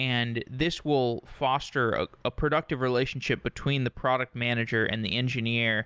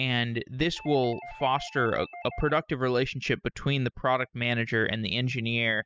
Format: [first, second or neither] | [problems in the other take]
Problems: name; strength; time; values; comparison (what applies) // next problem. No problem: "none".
first | noise reduction (classical method spectral subtraction)